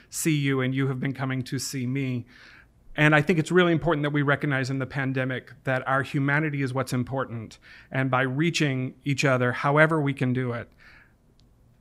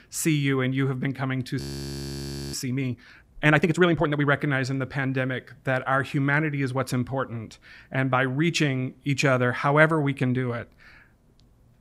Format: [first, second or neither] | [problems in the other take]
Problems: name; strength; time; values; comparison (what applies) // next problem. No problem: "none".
first | audio freezing; at 1.5 s for 1 s